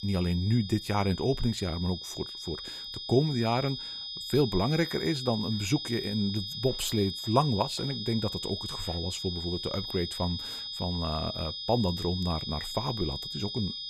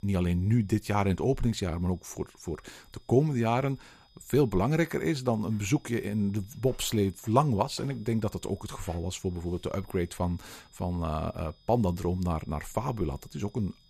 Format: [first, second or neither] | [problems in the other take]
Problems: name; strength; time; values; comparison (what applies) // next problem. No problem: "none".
second | high-pitched whine; loud; throughout; 5 kHz, 5 dB below the speech; faint in the second